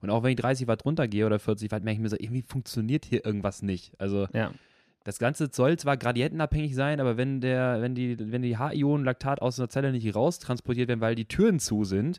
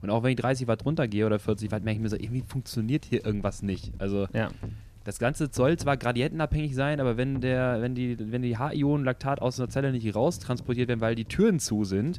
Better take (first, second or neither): first